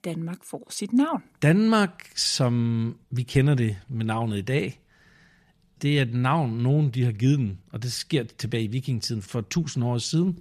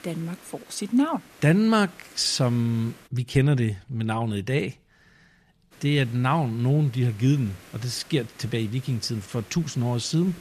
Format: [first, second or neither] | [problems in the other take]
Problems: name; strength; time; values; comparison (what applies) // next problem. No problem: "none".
first | hiss; faint; until 3 s and from 5.5 s on; 25 dB below the speech